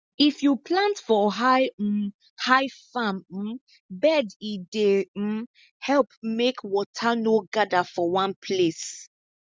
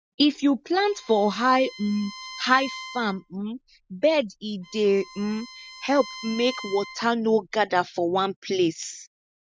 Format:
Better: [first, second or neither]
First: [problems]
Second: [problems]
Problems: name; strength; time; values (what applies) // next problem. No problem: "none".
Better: first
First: none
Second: background sound (Bowed string instrument); 17 dB below the speech